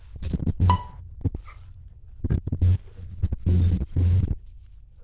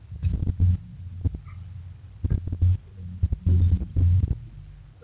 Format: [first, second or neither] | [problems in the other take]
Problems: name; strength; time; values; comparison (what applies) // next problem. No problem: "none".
second | noise reduction (neural diffusion model UNIVERSE++)